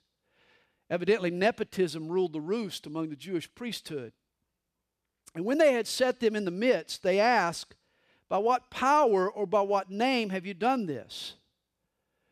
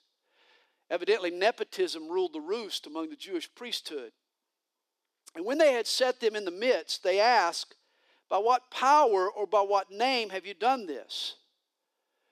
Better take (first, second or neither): first